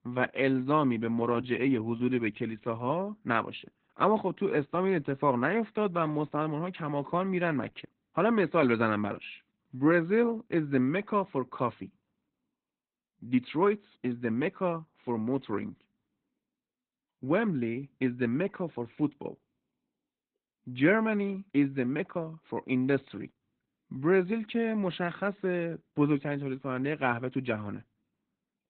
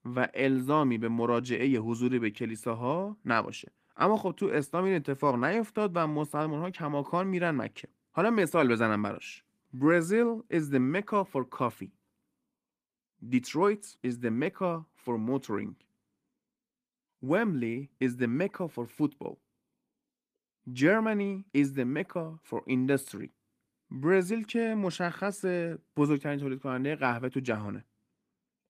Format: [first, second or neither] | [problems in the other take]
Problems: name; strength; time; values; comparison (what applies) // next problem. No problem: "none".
second | garbled, watery; badly; nothing above 4 kHz; slightly in the second